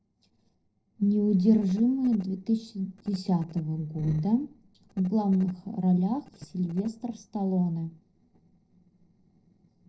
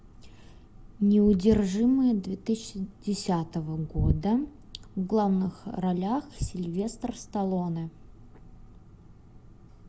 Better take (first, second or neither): second